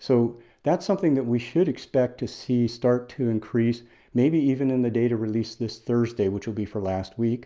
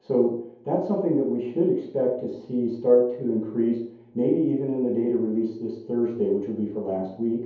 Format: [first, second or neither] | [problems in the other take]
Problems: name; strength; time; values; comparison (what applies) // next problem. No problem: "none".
first | room echo; dies away in 0.7 s